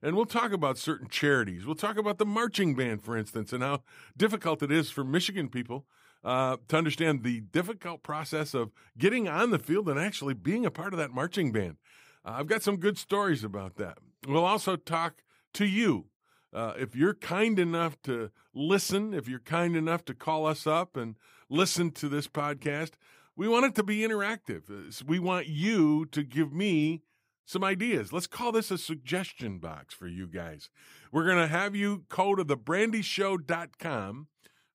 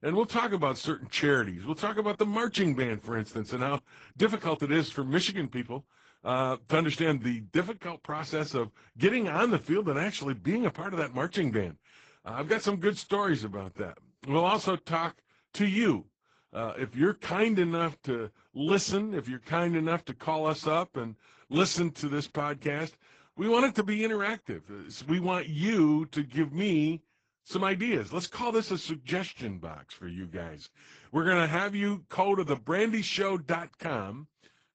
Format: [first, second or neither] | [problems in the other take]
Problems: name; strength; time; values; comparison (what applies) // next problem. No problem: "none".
first | garbled, watery; badly; nothing above 7.5 kHz